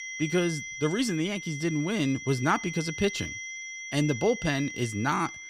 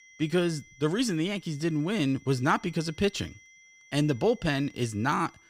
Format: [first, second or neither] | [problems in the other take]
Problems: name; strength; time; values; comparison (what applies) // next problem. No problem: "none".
second | high-pitched whine; loud; throughout; 2 kHz, 8 dB below the speech; faint in the second